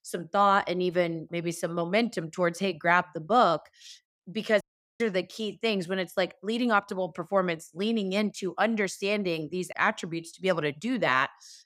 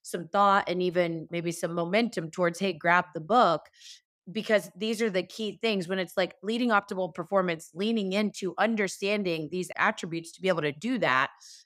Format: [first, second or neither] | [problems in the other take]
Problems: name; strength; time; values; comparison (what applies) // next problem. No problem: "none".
second | audio cutting out; at 4.5 s